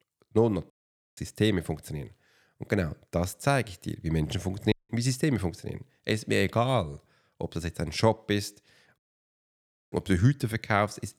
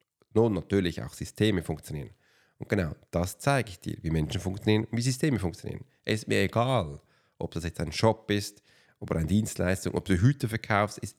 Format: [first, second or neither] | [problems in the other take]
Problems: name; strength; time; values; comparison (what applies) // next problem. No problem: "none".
second | audio cutting out; at 0.5 s, at 4.5 s and at 9 s for 1 s